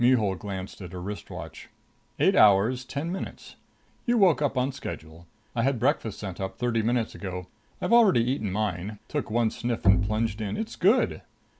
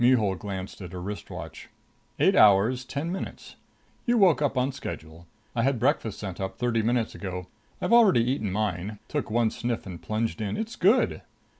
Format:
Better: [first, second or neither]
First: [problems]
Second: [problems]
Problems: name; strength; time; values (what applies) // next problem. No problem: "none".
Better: second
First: background sound (Bowed string instrument); as loud as the speech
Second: none